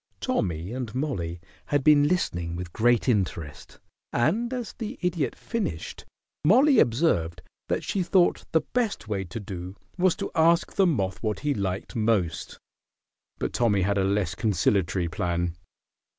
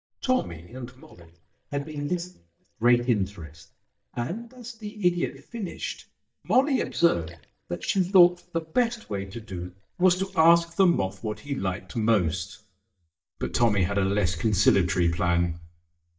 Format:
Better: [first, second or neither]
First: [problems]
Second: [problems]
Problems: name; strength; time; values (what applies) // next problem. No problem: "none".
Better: first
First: none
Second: noise reduction (neural mask model DeepFilterNet 3)